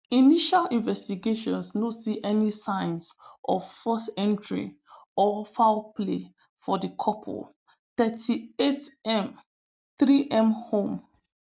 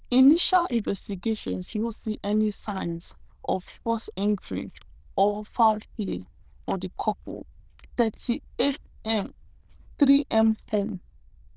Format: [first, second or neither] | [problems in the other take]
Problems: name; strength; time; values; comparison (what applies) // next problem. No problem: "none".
first | noise reduction (neural diffusion model UNIVERSE++)